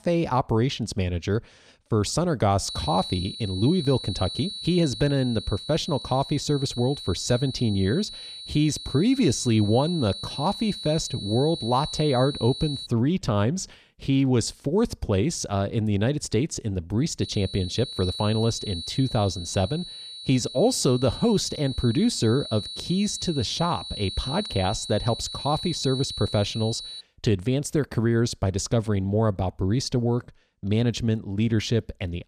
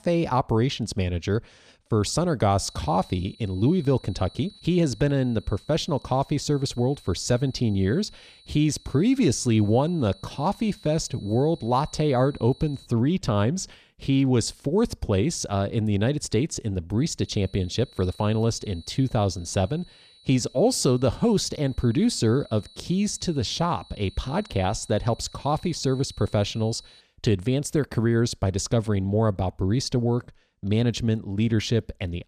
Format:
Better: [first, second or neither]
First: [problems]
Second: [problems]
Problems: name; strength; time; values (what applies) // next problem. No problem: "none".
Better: second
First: high-pitched whine; loud; from 2.5 to 13 s and from 17 to 27 s; 4 kHz, 9 dB below the speech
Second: high-pitched whine; faint; from 2.5 to 13 s and from 17 to 27 s; 4 kHz, 25 dB below the speech